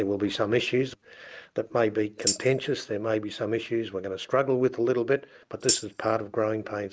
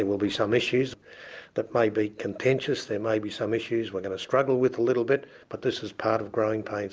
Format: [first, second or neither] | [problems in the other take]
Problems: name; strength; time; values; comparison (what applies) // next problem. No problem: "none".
second | noise reduction (neural mask model RNNoise)